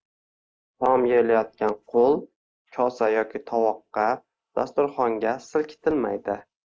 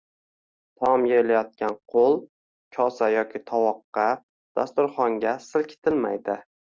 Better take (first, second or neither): second